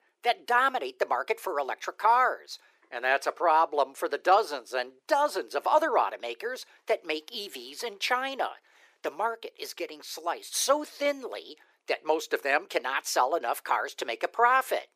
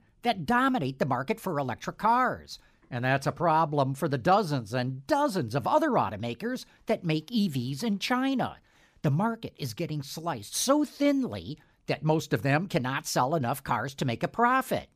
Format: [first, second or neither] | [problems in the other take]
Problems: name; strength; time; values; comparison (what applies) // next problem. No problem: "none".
second | thin; very; fading below 400 Hz